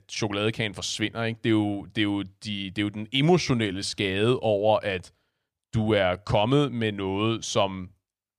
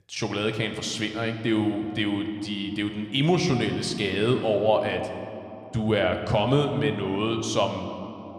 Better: first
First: none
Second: room echo; slight; dies away in 2.1 s

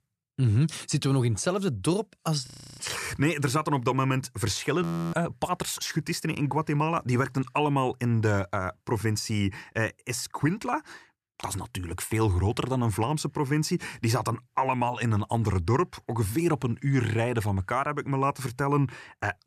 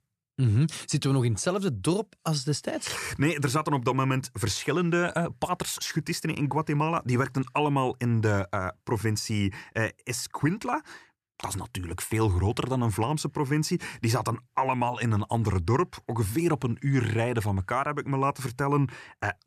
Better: second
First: audio freezing; at 2.5 s and at 5 s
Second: none

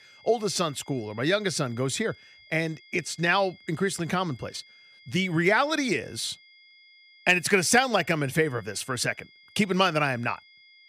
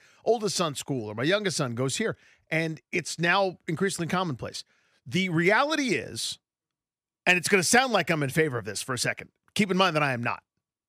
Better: second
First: high-pitched whine; faint; throughout; 2 kHz, 25 dB below the speech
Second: none

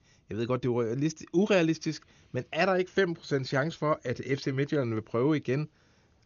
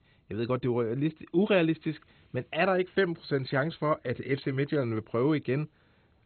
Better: first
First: garbled, watery; slightly; nothing above 6.5 kHz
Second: garbled, watery; badly; nothing above 4 kHz

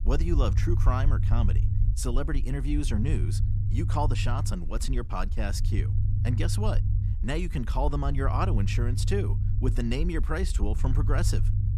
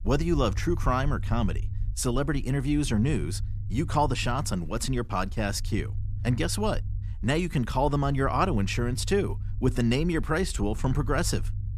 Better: second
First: low rumble; loud; throughout; 9 dB below the speech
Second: low rumble; faint; throughout; 20 dB below the speech

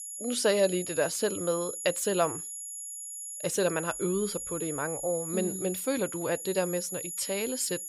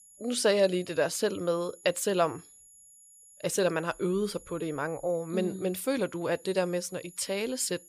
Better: second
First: high-pitched whine; loud; throughout; 7 kHz, 5 dB below the speech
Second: high-pitched whine; faint; throughout; 7 kHz, 20 dB below the speech

